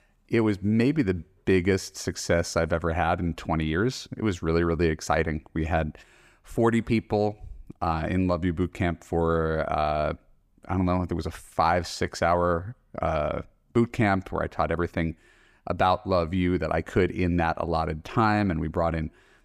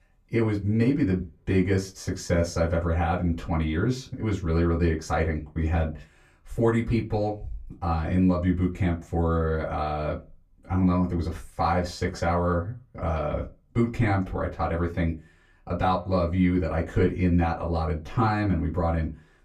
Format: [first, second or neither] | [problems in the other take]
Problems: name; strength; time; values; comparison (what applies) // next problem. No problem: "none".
first | off-mic speech; far // room echo; very slight; dies away in 0.2 s